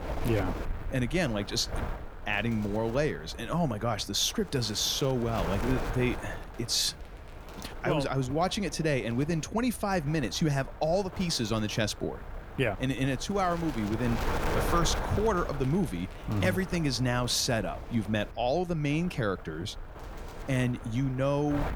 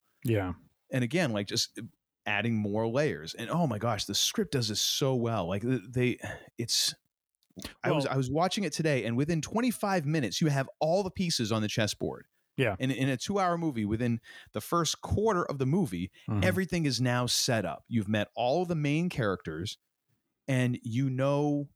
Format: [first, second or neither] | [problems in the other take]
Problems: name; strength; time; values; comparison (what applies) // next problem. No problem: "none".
second | wind noise on the microphone; heavy; 10 dB below the speech